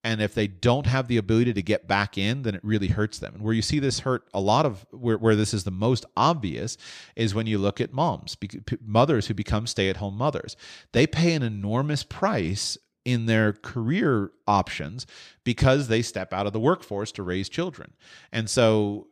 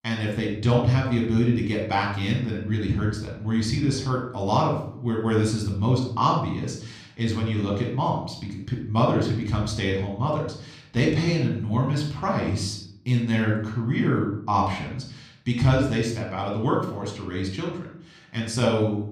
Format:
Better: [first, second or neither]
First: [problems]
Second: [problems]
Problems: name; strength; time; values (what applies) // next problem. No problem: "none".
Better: first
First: none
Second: off-mic speech; somewhat distant // room echo; noticeable; dies away in 0.6 s